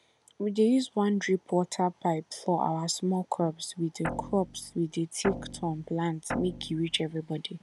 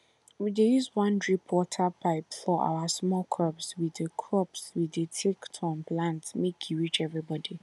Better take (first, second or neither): second